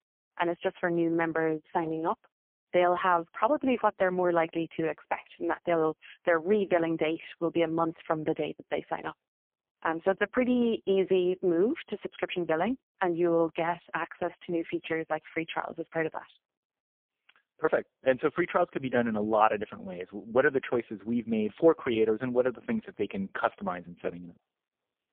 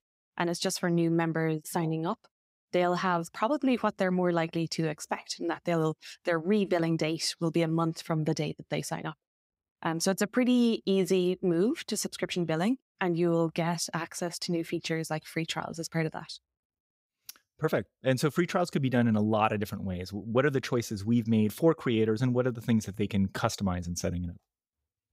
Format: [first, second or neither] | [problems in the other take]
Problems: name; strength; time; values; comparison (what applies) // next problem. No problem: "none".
second | phone-call audio; poor line; nothing above 3.5 kHz